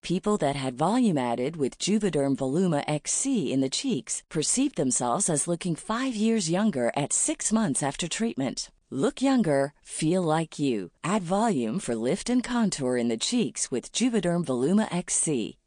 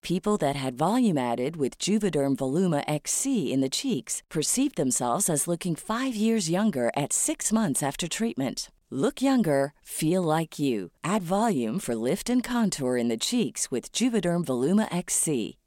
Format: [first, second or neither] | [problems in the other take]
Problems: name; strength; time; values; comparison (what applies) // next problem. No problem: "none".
second | garbled, watery; slightly; nothing above 9 kHz